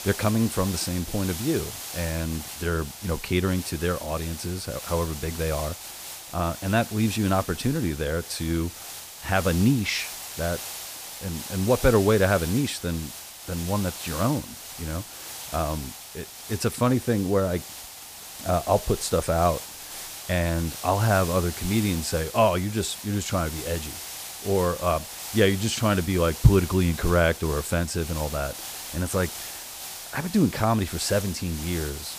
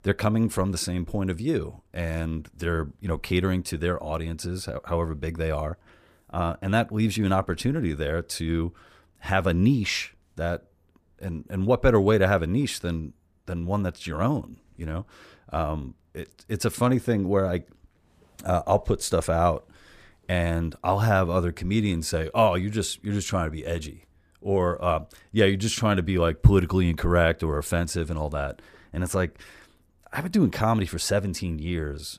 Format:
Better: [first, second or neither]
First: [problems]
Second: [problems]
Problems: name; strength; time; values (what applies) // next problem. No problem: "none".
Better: second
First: hiss; loud; throughout; 10 dB below the speech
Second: none